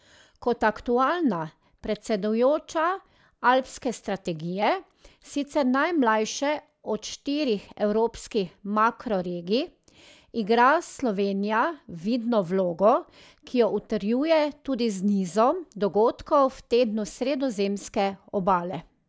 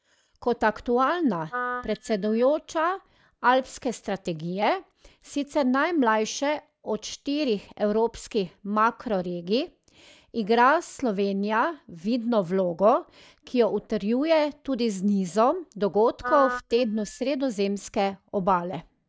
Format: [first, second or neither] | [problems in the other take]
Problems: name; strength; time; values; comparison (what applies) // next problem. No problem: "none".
first | noise reduction (neural mask model DeepFilterNet 3)